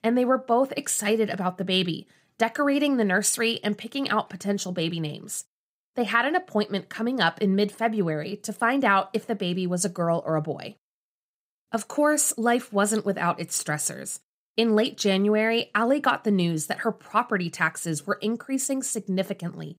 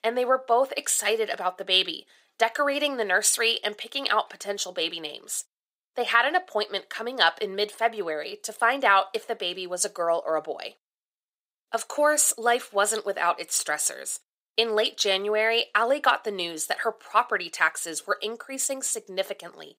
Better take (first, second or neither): first